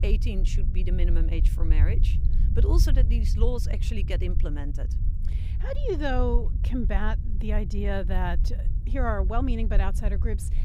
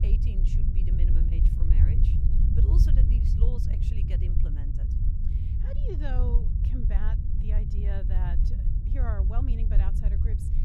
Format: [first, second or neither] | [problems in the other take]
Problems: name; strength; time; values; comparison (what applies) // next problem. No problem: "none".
first | wind noise on the microphone; heavy; 1 dB above the speech; occasional gusts in the first